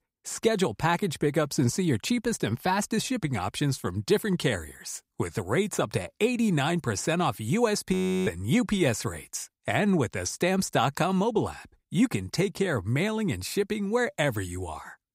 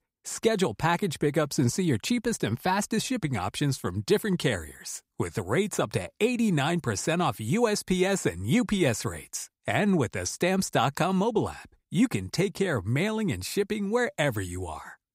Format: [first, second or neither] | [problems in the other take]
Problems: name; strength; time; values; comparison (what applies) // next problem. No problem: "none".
second | audio freezing; at 8 s